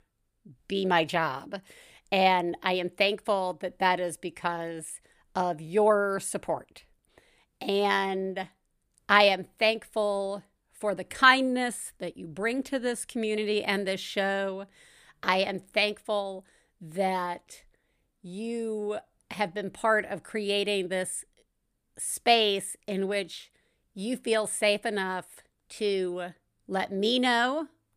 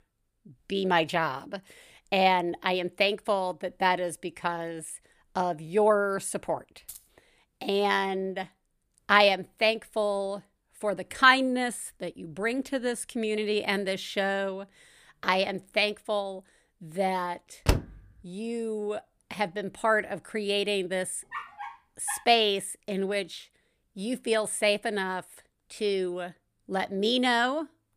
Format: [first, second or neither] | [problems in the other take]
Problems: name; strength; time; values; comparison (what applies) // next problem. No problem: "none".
first | jangling keys; faint; at 7 s; peak 20 dB below the speech // door banging; noticeable; at 18 s; peak 1 dB below the speech // dog barking; faint; at 21 s; peak 10 dB below the speech